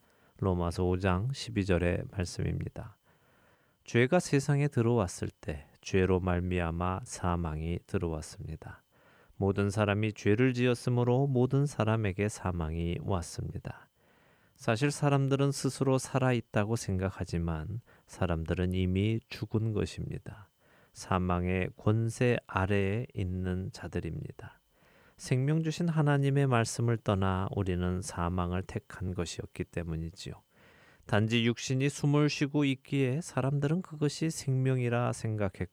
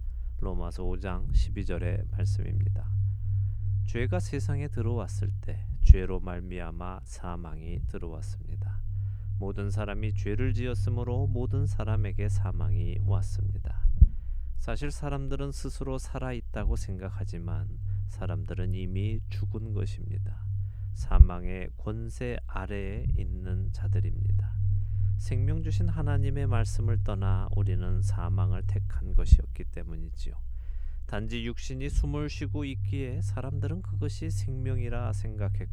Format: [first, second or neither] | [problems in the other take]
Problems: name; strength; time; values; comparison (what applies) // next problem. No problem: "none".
first | low rumble; loud; throughout; 6 dB below the speech